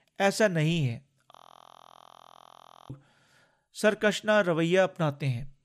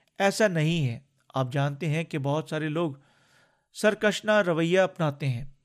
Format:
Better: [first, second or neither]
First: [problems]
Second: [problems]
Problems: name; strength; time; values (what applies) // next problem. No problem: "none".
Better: second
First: audio freezing; at 1.5 s for 1.5 s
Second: none